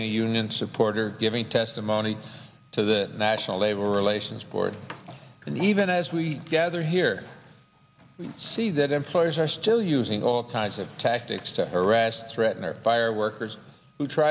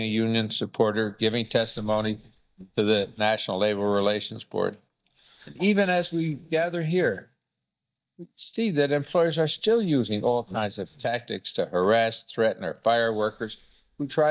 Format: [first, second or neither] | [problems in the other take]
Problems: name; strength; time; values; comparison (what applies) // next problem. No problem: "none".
first | noise reduction (neural mask model DeepFilterNet 3)